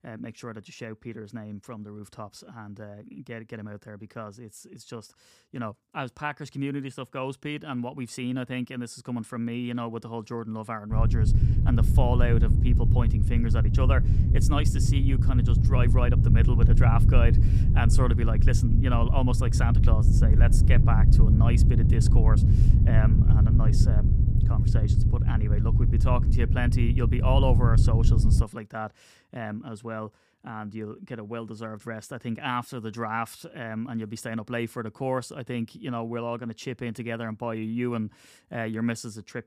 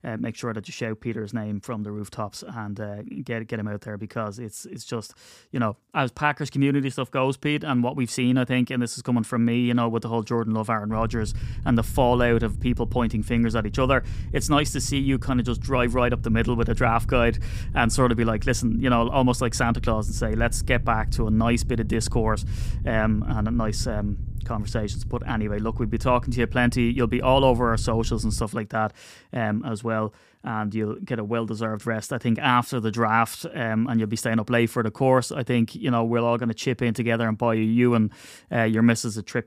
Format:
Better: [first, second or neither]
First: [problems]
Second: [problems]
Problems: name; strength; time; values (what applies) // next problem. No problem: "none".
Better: second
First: low rumble; loud; from 11 to 28 s; 2 dB below the speech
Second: low rumble; faint; from 11 to 28 s; 20 dB below the speech